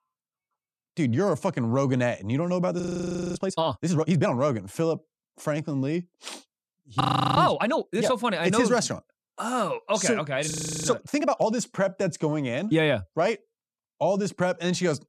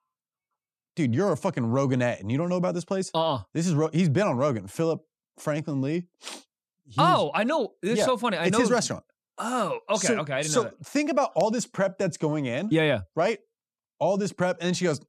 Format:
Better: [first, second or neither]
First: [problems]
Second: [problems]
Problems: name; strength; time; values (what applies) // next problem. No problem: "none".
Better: second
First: audio freezing; at 3 s for 0.5 s, at 7 s and at 11 s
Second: none